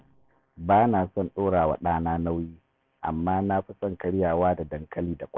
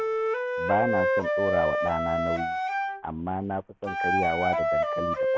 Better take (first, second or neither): first